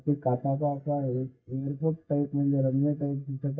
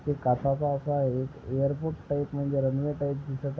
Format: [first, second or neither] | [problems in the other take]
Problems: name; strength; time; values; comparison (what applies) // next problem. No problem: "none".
second | noise reduction (neural mask model DeepFilterNet 3)